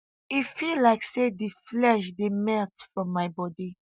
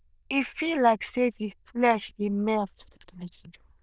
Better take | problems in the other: first | noise reduction (neural diffusion model UNIVERSE++)

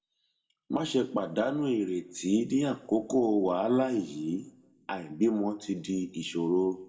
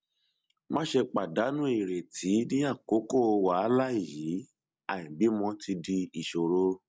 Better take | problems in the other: second | room echo; dies away in 0.6 s

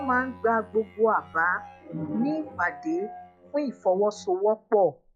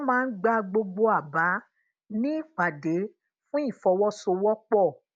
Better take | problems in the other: second | noise reduction (classical method log-MMSE)

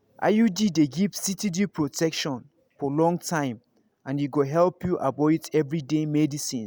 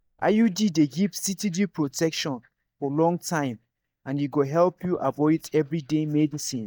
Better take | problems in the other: first | noise reduction (neural mask model DeepFilterNet 3)

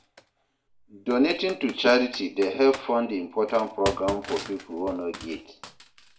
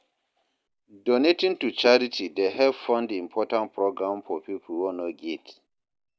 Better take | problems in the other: second | background sound (Computer keyboard); 14 dB below the speech // room echo; dies away in 0.4 s

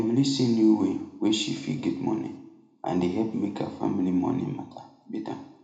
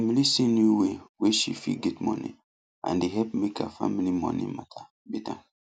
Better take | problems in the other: second | room echo; dies away in 0.9 s

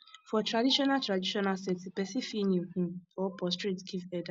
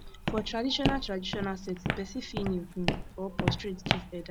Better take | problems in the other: first | background sound (Walk, footsteps); 1 dB above the speech

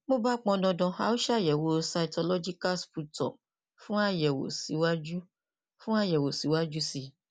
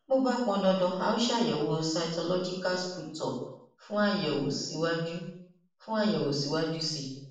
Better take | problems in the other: first | room echo; dies away in 0.7 s

